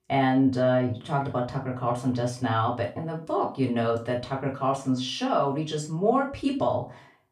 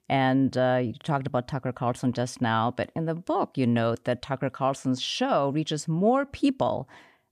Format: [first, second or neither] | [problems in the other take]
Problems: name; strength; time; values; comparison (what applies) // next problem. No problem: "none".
second | off-mic speech; far // room echo; slight; dies away in 0.3 s